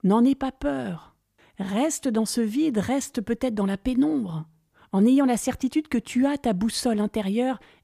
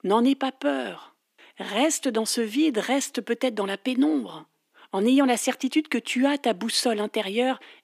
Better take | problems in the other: first | thin; very slightly; fading below 250 Hz

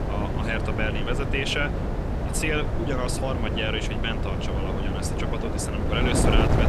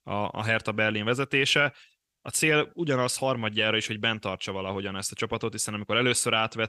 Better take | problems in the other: second | wind noise on the microphone; heavy; 3 dB below the speech

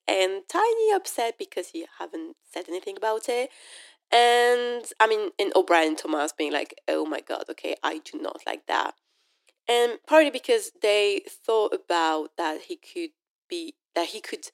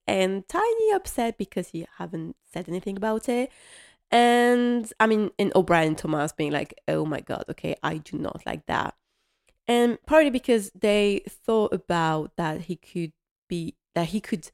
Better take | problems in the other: second | thin; very; fading below 300 Hz

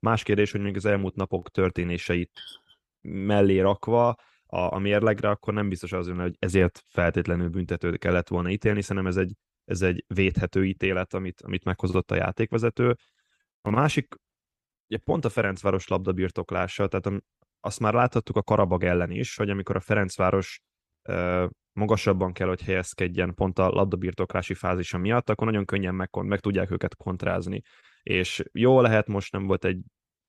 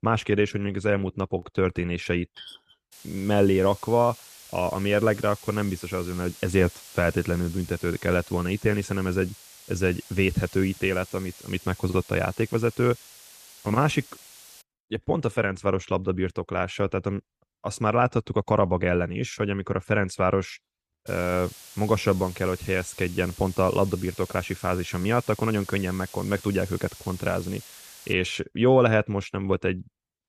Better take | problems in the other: first | hiss; noticeable; from 3 to 15 s and from 21 to 28 s; 20 dB below the speech

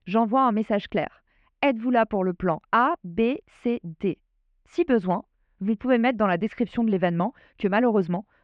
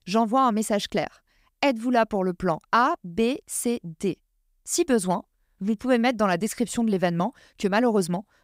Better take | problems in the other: second | muffled; very; fading above 2.5 kHz

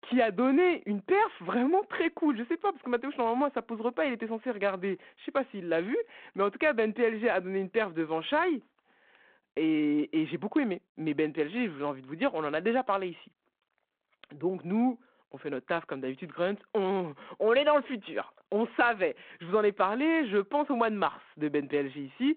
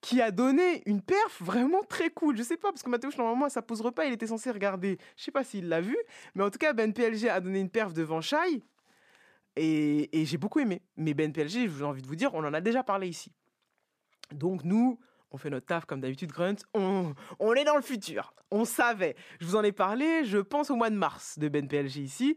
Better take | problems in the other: second | phone-call audio

